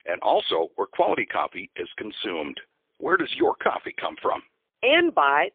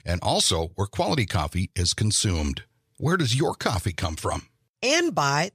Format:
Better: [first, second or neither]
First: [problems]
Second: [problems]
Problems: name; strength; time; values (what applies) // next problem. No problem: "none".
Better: second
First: phone-call audio; poor line; nothing above 3.5 kHz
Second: none